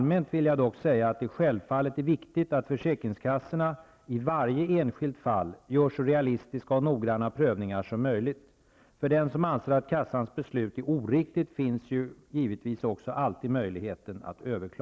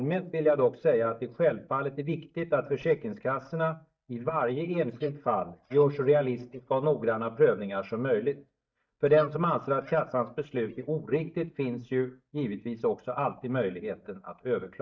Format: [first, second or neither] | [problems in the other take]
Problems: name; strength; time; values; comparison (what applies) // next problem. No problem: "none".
first | noise reduction (neural mask model DeepFilterNet 3)